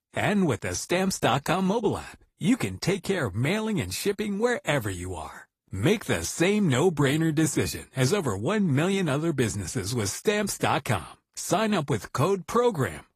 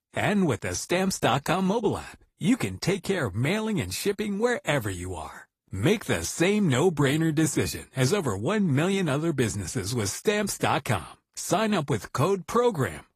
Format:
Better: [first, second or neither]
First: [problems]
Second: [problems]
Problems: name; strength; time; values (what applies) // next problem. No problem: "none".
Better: neither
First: garbled, watery; slightly; nothing above 15 kHz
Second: garbled, watery; slightly; nothing above 15 kHz